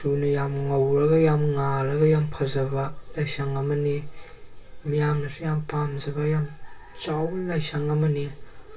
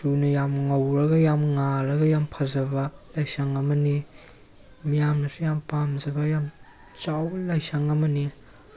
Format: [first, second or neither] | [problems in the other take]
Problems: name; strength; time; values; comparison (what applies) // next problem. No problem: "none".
second | room echo; dies away in 0.2 s